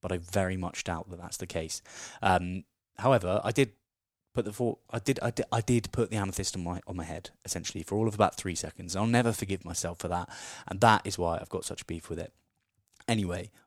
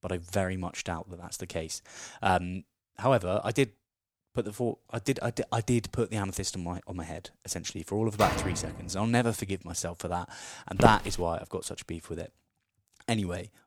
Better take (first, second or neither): first